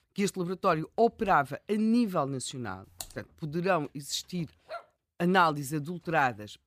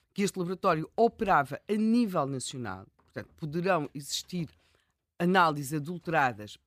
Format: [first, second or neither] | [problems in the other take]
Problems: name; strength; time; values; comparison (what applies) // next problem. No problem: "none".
second | keyboard typing; faint; at 3 s; peak 15 dB below the speech // dog barking; faint; at 4.5 s; peak 15 dB below the speech